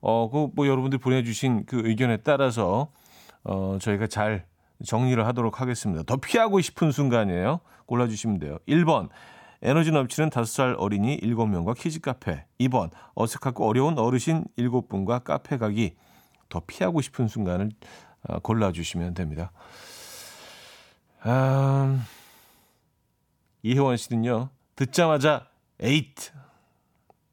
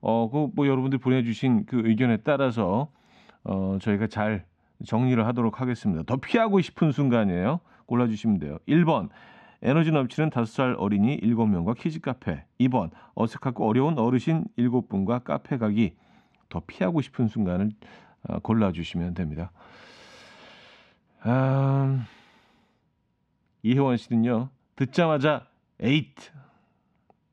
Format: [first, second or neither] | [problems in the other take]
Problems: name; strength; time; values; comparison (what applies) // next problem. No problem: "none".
first | muffled; slightly; fading above 3 kHz